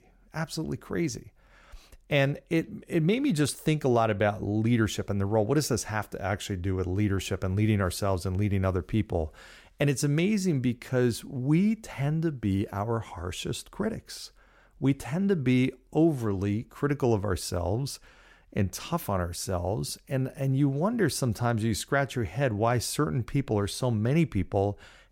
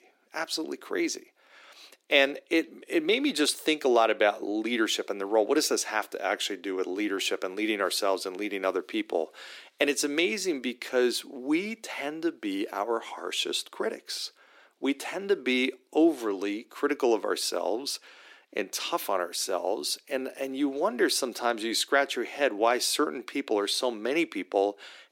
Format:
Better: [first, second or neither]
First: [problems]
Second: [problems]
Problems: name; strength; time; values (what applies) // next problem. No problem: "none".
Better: first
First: none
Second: thin; somewhat; fading below 300 Hz